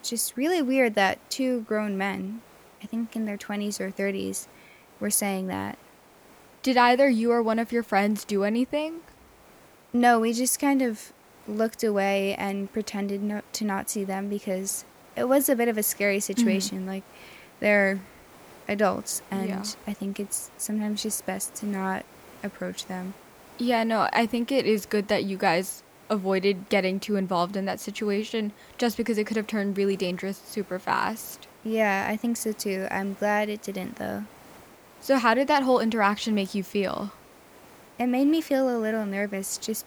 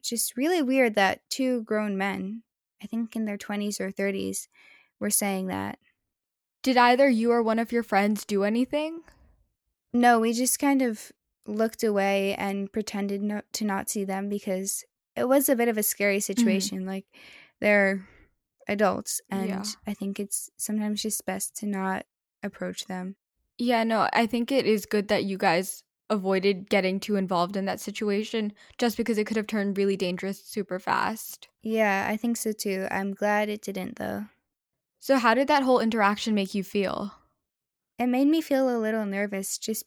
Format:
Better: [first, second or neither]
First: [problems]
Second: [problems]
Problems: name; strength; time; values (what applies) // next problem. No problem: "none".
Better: second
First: hiss; faint; throughout; 25 dB below the speech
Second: none